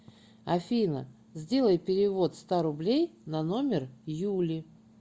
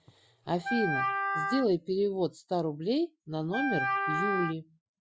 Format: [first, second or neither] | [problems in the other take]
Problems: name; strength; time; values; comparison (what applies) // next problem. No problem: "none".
first | noise reduction (classical method Wiener filter)